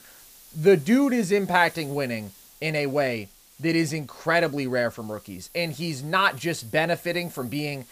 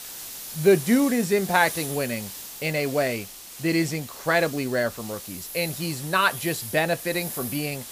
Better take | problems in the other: first | hiss; loud; throughout; 10 dB below the speech; faint in the first

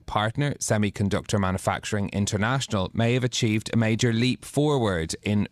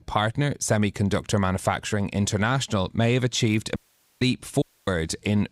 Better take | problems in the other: first | audio cutting out; at 4 s and at 4.5 s

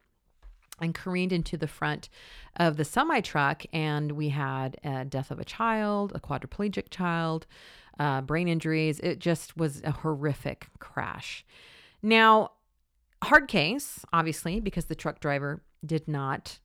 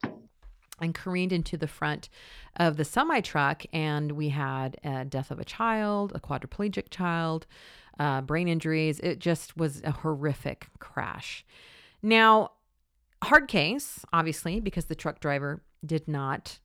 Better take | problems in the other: first | door banging; faint; at the start; peak 10 dB below the speech

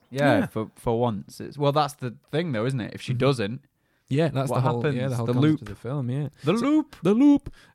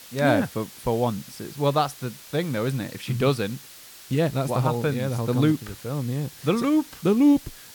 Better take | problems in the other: first | hiss; noticeable; throughout; 20 dB below the speech

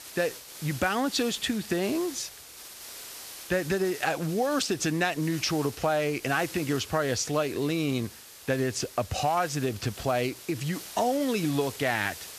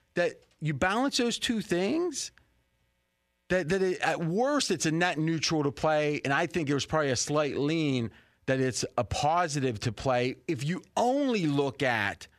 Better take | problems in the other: second | hiss; noticeable; throughout; 15 dB below the speech

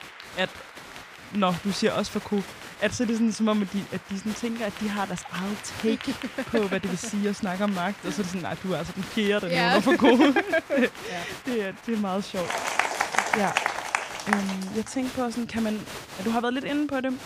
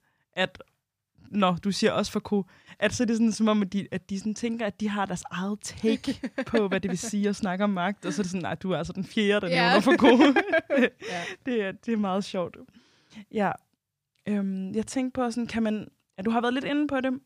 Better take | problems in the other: second | crowd noise; loud; throughout; 7 dB below the speech

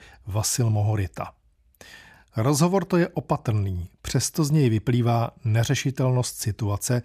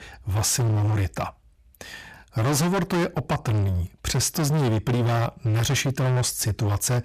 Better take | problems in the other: first | distortion; heavy; 31% of the sound clipped

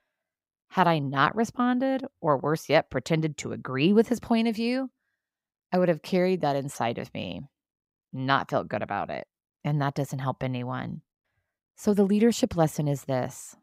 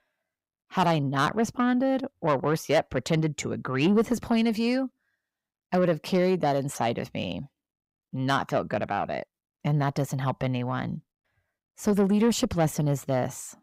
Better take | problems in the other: first | distortion; slight; 10 dB below the speech

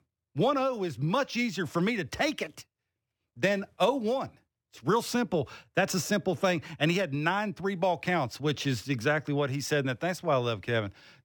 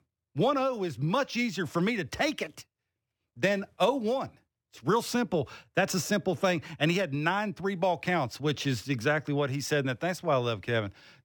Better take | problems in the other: neither | none

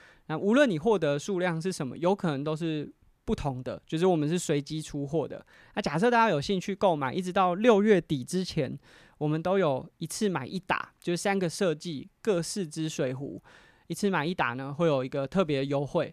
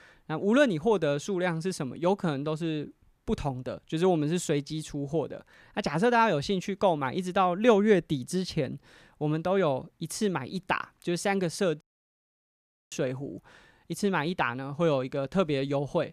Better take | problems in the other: first | audio cutting out; at 12 s for 1 s

